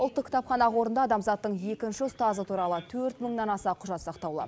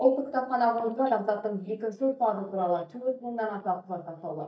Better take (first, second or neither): first